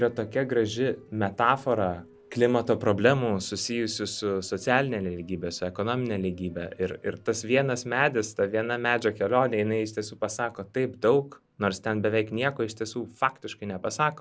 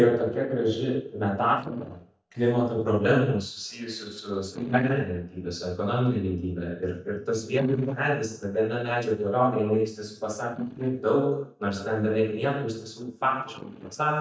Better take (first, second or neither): first